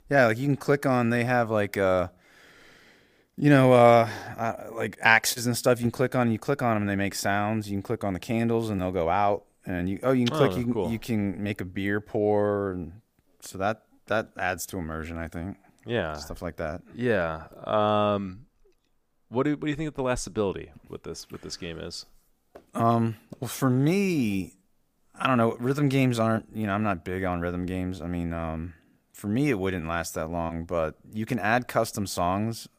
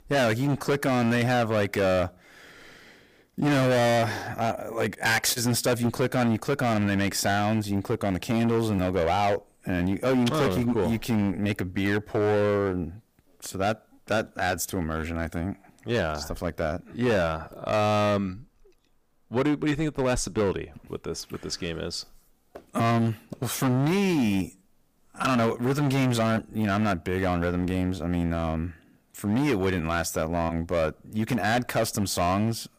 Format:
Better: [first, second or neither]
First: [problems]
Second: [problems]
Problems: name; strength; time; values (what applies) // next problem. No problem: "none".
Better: first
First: none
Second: distortion; heavy; 13% of the sound clipped